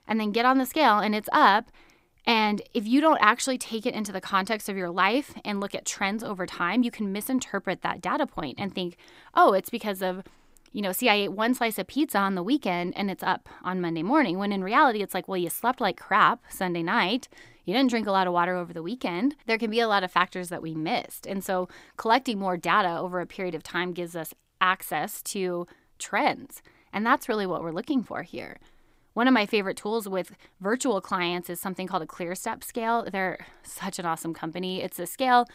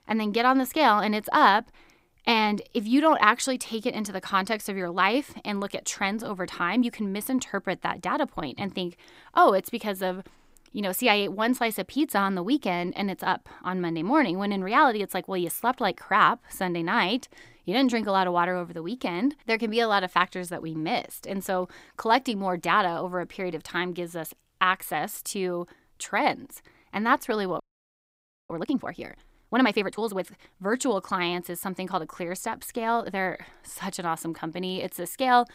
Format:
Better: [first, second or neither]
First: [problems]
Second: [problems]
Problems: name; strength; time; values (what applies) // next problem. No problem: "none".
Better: first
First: none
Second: audio freezing; at 28 s for 1 s